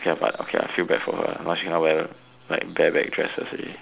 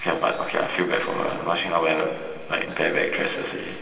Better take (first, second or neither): first